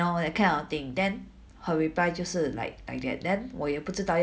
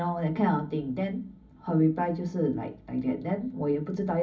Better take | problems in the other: first | room echo; dies away in 0.4 s

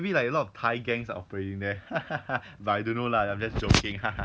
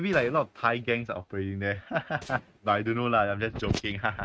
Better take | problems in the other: first | noise reduction (neural mask model RNNoise)

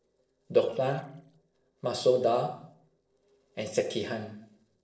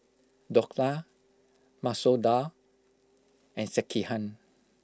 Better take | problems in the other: second | noise reduction (neural separator model SepFormer DNS4)

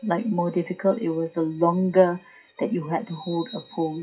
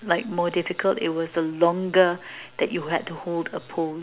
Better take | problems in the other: second | noise reduction (classical method WPE with log-MMSE)

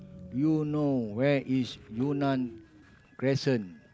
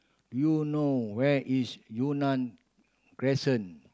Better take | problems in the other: second | background sound (Train); 20 dB below the speech

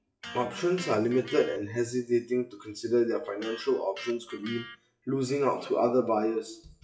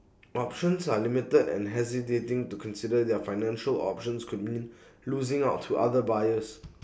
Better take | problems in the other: second | noise reduction (classical method WPE with log-MMSE)

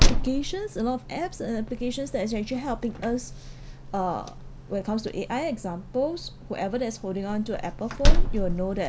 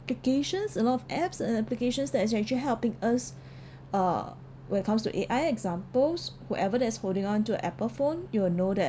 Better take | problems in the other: second | background sound (Slam); 4 dB above the speech

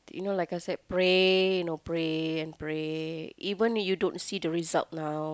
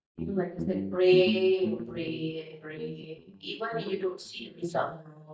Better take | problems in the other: first | noise reduction (neural mask model DeepFilterNet 3)

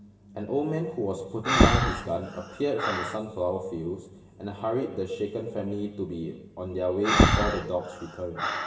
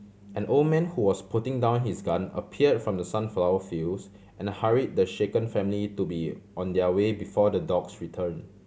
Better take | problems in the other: second | background sound (Breathing); 2 dB above the speech // room echo; dies away in 1.2 s

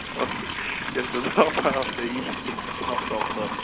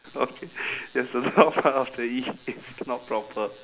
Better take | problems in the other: second | background sound (Livestock, farm animals, working animals); 3 dB below the speech

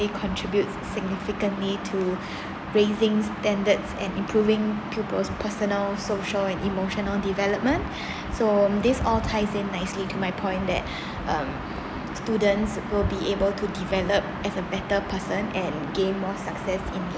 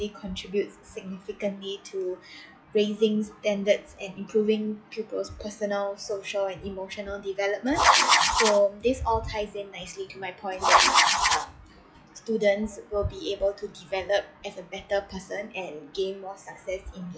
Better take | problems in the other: first | noise reduction (classical method WPE with log-MMSE)

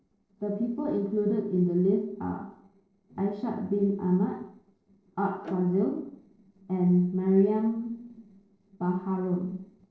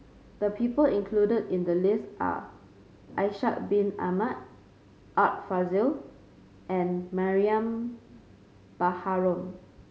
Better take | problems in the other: second | noise reduction (neural separator model SepFormer DNS4)

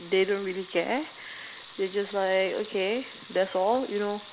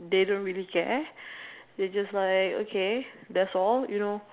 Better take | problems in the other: second | background sound (Sink (filling or washing) / Water tap, faucet / Liquid); 18 dB below the speech

